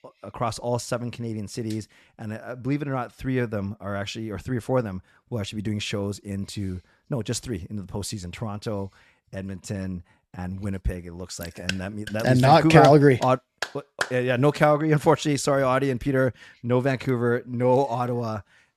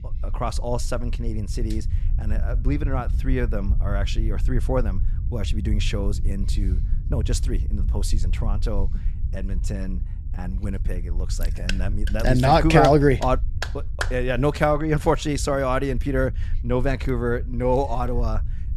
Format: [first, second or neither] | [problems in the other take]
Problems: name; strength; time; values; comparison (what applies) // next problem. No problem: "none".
first | low rumble; faint; throughout; 25 dB below the speech